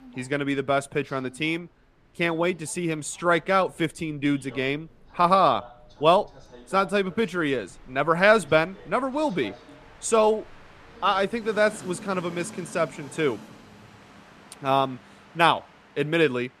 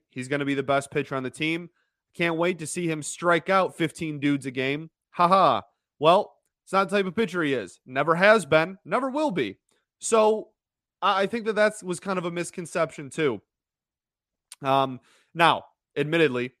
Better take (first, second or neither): second